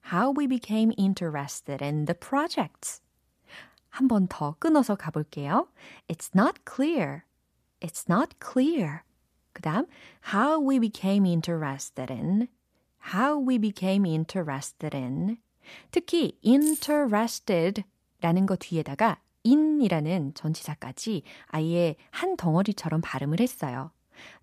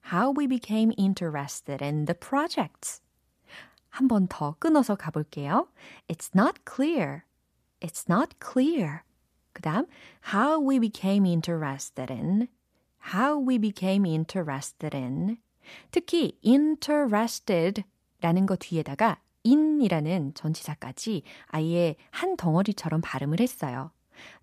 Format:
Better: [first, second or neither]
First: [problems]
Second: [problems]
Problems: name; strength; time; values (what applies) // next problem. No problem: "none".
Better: second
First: jangling keys; noticeable; at 17 s; peak 5 dB below the speech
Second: none